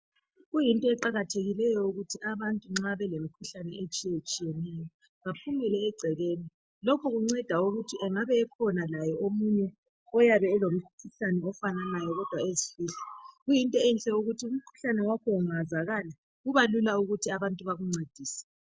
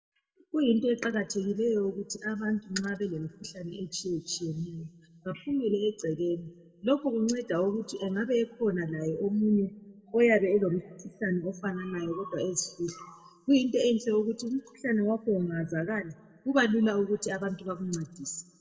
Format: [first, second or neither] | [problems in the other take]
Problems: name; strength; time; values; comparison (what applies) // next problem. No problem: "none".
first | room echo; dies away in 0.9 s